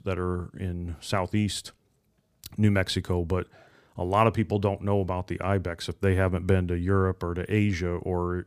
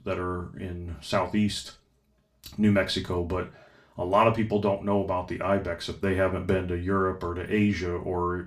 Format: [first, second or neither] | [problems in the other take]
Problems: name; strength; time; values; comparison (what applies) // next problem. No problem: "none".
first | room echo; very slight; dies away in 0.3 s // off-mic speech; somewhat distant